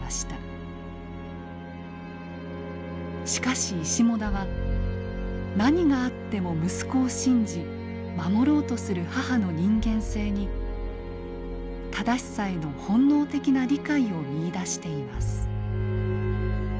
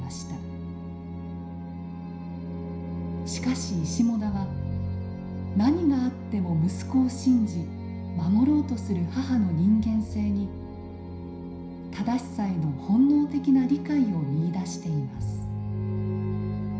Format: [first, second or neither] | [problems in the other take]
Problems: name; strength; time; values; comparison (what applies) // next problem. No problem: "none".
first | room echo; dies away in 0.5 s